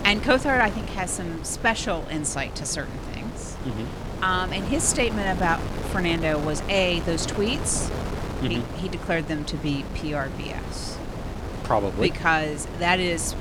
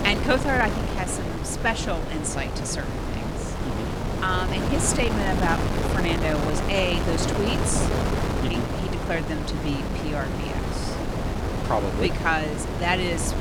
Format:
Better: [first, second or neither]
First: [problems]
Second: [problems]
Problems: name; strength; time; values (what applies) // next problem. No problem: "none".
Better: first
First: wind noise on the microphone; occasional gusts; 10 dB below the speech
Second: wind noise on the microphone; heavy; 3 dB below the speech